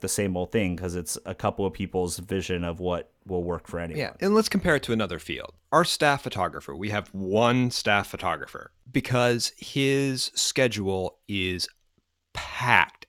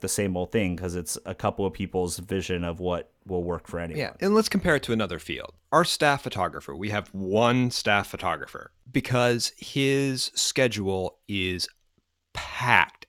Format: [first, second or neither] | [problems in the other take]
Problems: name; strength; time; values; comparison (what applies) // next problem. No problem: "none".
neither | none